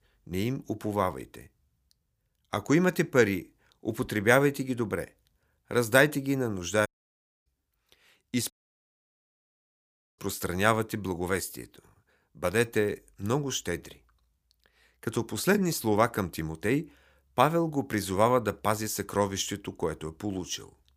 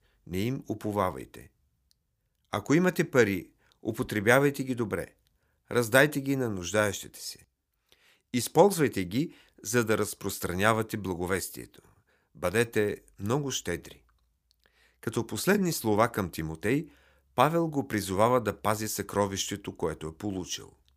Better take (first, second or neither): second